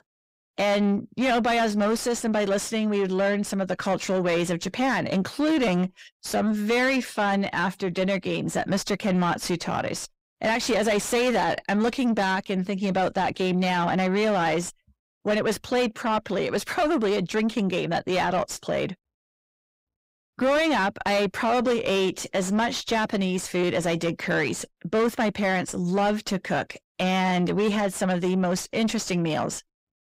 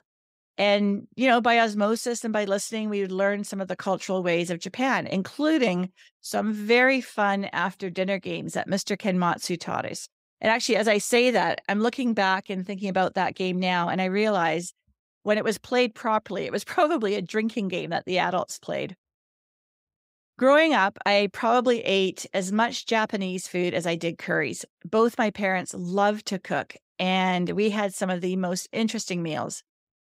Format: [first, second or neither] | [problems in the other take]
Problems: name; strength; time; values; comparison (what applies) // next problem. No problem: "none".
second | distortion; heavy; 8 dB below the speech